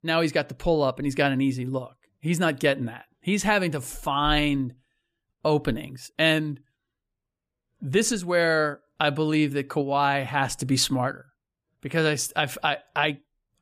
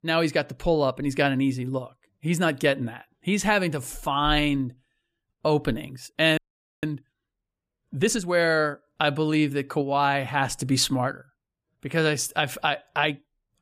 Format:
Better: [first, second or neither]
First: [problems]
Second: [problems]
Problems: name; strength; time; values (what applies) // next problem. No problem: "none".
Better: first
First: none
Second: audio freezing; at 6.5 s